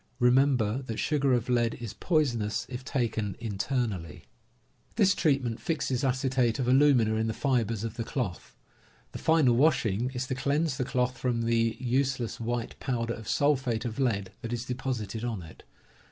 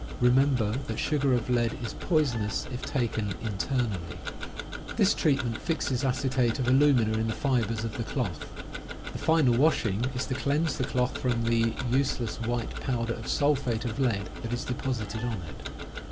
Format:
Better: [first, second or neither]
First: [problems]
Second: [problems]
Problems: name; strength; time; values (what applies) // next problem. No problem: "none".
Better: first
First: none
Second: background sound (Tick-tock); 8 dB below the speech